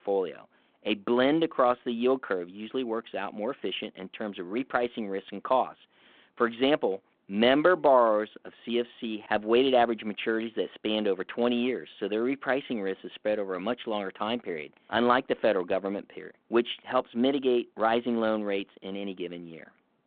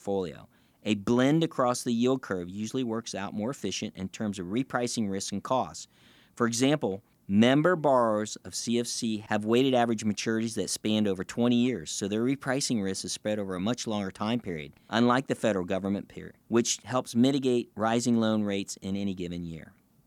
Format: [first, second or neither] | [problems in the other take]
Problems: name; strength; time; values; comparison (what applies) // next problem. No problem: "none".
second | phone-call audio